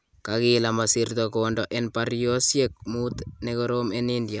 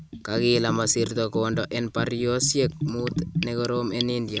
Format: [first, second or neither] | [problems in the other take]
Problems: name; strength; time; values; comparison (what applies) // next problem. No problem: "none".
first | background sound (Bathtub (filling or washing) / Gurgling); 7 dB below the speech